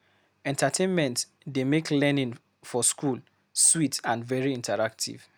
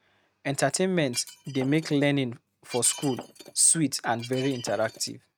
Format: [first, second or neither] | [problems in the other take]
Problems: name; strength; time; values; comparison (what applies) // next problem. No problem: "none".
first | noise reduction (neural mask model RNNoise)